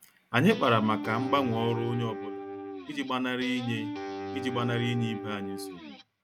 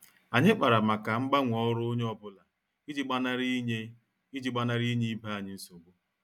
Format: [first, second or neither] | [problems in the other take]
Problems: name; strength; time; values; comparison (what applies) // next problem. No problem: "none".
second | background sound (Guitar); 8 dB below the speech